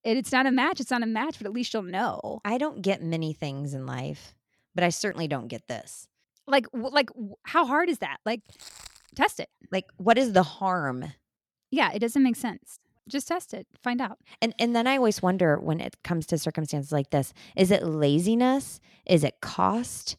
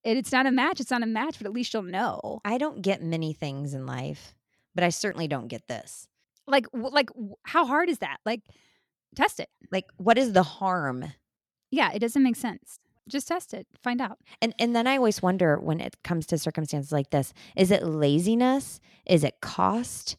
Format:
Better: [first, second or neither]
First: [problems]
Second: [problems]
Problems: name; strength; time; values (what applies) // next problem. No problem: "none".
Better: second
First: footsteps; faint; at 8.5 s; peak 15 dB below the speech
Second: none